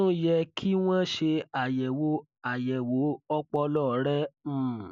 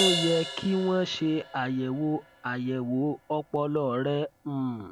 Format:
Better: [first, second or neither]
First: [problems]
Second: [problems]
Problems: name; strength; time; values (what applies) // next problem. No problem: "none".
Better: first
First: none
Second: background sound (Crash cymbal); 9 dB below the speech